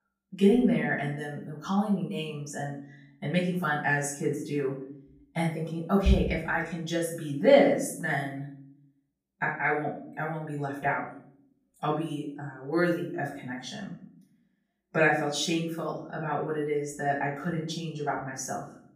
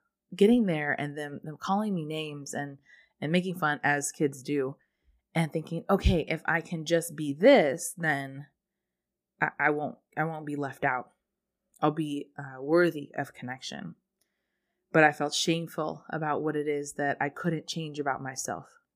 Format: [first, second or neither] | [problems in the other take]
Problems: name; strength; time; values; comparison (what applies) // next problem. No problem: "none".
second | off-mic speech; far // room echo; noticeable; dies away in 0.5 s